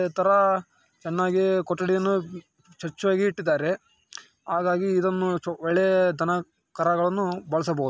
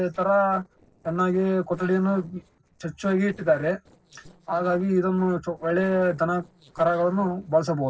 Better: first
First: none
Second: noise reduction (neural separator model SepFormer DNS4)

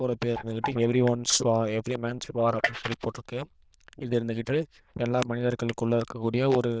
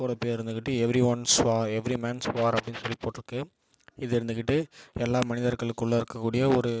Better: second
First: noise reduction (neural diffusion model UNIVERSE++)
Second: none

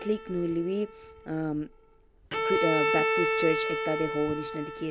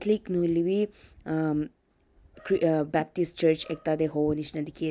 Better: second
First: background sound (Bowed string instrument); as loud as the speech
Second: none

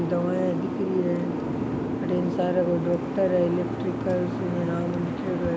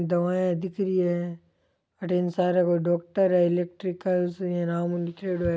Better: second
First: background sound (Boat, Water vehicle); 2 dB below the speech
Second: none

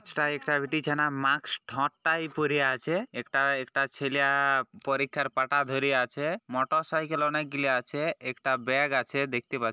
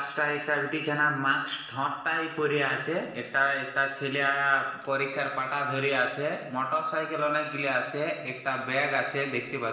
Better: first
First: none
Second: room echo; dies away in 0.9 s

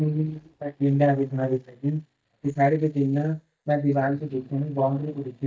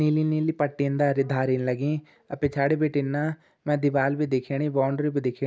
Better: second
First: noise reduction (neural mask model DeepFilterNet 3)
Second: none

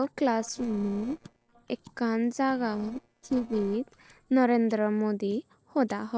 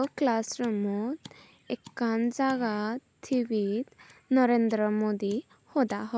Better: second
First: noise reduction (neural separator model SepFormer DNS4)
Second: none

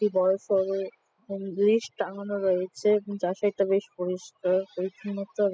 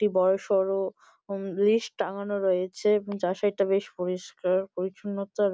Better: second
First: noise reduction (classical method spectral subtraction)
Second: none

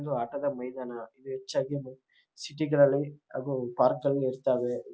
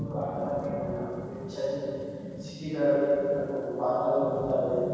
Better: first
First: none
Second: background sound (Rain / Thunderstorm); 10 dB below the speech // room echo; dies away in 2.2 s

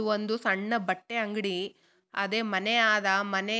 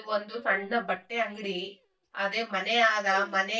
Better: first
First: none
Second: noise reduction (neural mask model DeepFilterNet 3)

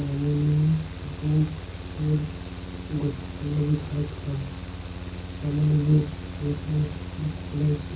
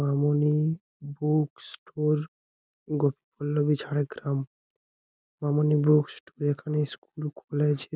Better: second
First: background sound (Mechanical fan); 9 dB below the speech // room echo; dies away in 0.4 s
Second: none

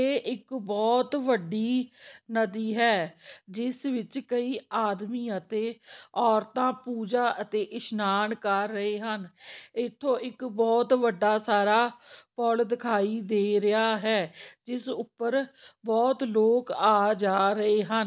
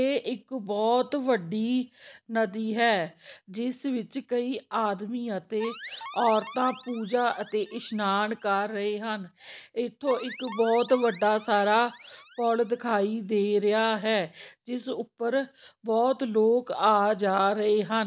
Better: first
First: none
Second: background sound (Alarm); 17 dB below the speech

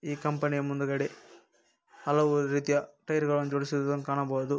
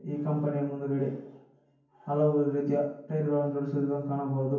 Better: first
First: none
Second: room echo; dies away in 0.9 s

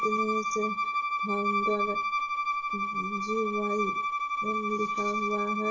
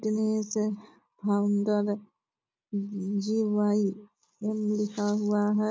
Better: second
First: background sound (Bowed string instrument); 4 dB above the speech // room echo; dies away in 0.2 s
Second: none

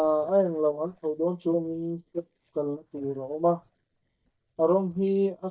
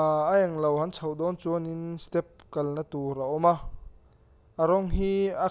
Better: second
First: noise reduction (neural mask model DeepFilterNet 3)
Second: none

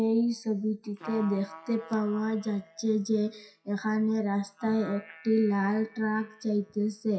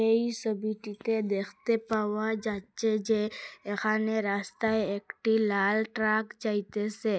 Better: second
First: noise reduction (classical method WPE with log-MMSE)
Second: none

